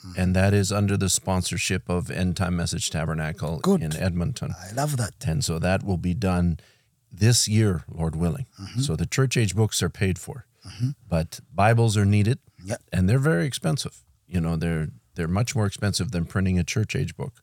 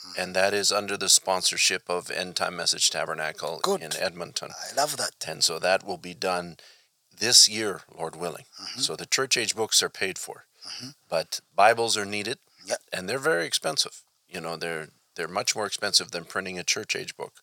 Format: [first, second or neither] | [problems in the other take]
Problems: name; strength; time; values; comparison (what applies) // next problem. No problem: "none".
first | thin; very; fading below 600 Hz